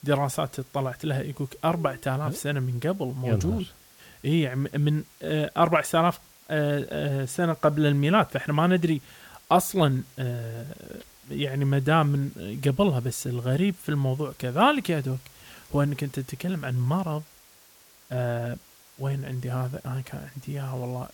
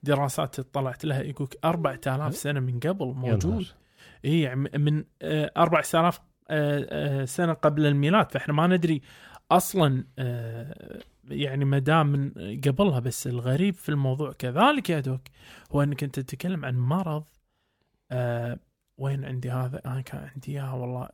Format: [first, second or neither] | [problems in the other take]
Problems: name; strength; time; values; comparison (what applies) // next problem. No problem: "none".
second | hiss; faint; throughout; 25 dB below the speech